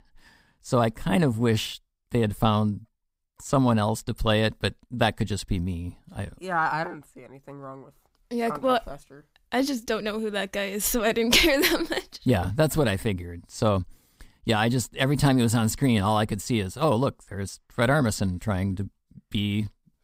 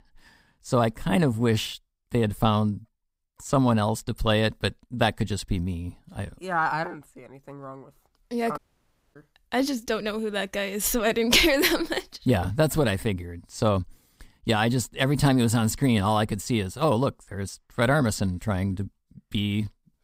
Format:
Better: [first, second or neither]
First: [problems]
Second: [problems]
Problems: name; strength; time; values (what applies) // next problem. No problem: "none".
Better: first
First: none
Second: audio cutting out; at 8.5 s for 0.5 s